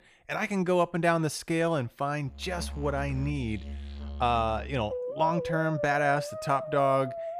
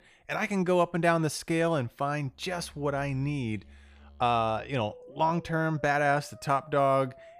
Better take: second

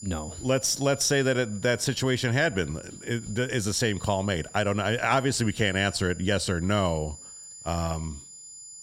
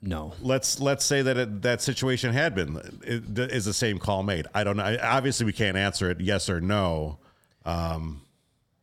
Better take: second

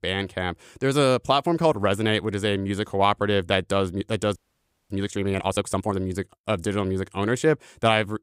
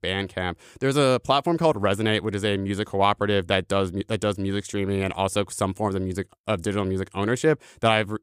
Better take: second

